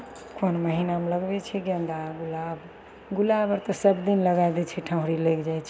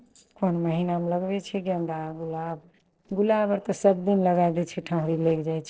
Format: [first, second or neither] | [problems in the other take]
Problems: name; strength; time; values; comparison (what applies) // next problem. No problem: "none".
first | noise reduction (neural separator model SepFormer DNS4)